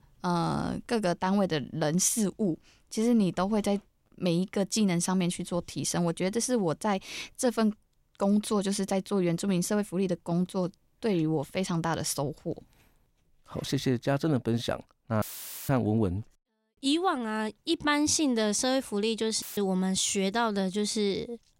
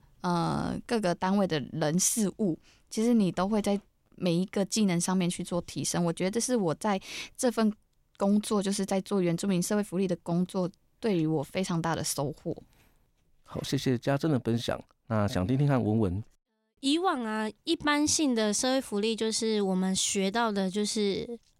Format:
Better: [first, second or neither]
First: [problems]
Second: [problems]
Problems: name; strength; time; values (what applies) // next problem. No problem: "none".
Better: second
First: audio cutting out; filled with static; at 15 s and at 19 s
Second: none